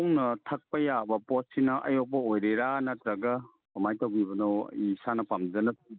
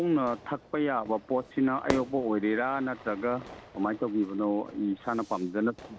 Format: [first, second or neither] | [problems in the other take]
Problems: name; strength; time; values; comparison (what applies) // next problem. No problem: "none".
first | background sound (Fire / Fireworks); 14 dB below the speech